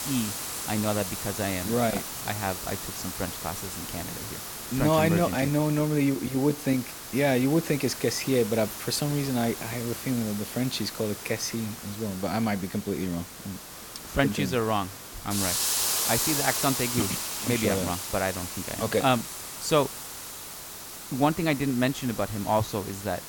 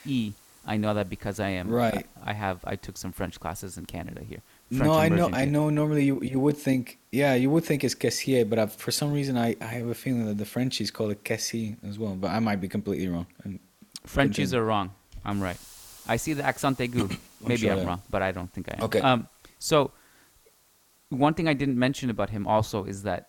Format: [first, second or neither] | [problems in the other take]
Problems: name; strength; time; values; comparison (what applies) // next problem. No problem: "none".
second | hiss; loud; throughout; 5 dB below the speech; faint in the second